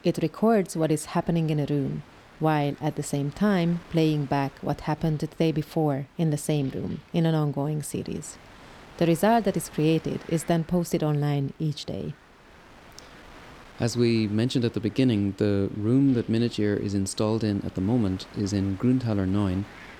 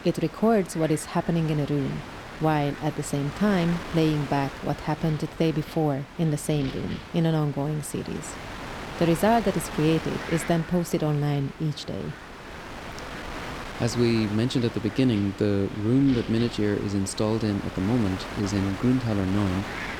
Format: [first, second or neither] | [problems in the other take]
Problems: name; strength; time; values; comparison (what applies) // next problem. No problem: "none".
first | wind noise on the microphone; heavy; 8 dB below the speech; occasional gusts in the first